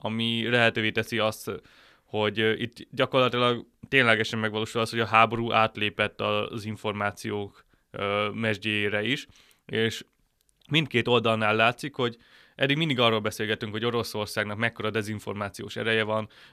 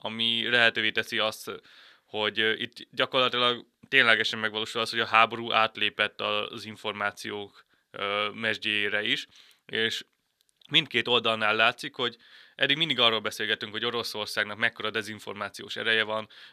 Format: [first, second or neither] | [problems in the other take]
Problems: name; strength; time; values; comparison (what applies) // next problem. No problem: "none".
first | thin; very slightly; fading below 650 Hz